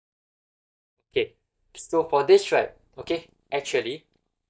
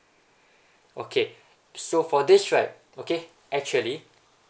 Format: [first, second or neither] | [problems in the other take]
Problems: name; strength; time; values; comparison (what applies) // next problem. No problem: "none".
second | noise reduction (neural mask model DeepFilterNet 3)